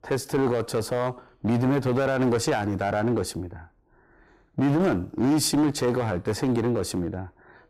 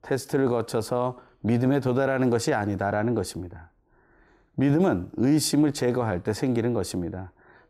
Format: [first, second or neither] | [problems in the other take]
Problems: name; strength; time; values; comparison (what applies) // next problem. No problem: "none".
second | distortion; slight; 9% of the sound clipped